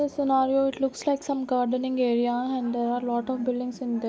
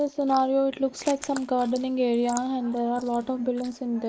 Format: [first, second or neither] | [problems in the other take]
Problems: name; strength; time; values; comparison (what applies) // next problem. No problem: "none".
first | noise reduction (neural mask model Resemble Enhance denoiser)